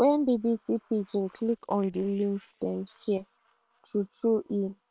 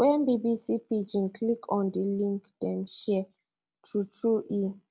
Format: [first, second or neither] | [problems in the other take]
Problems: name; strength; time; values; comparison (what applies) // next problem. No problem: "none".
second | noise reduction (neural separator model SepFormer WHAM!)